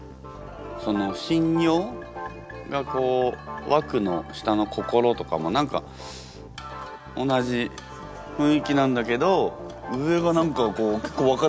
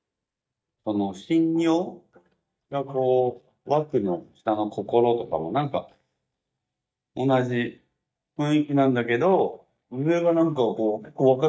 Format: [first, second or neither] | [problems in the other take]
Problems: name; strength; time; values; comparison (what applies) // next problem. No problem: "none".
first | noise reduction (neural mask model DeepFilterNet 3)